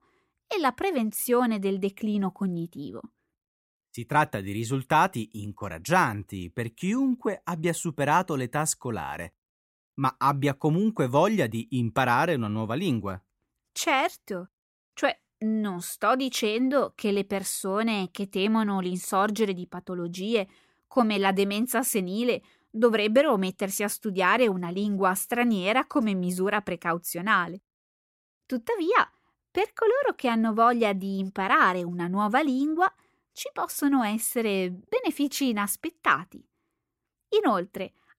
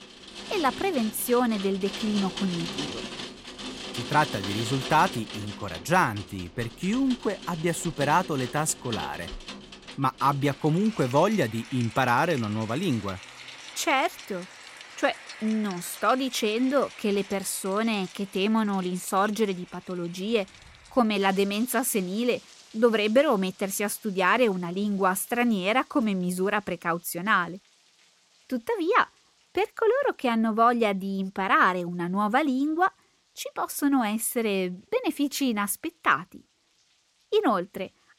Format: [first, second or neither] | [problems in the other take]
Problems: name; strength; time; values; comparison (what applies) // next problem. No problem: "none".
first | rain or running water; noticeable; throughout; 15 dB below the speech